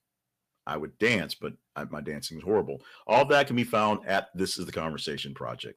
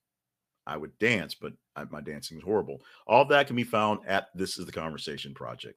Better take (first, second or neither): second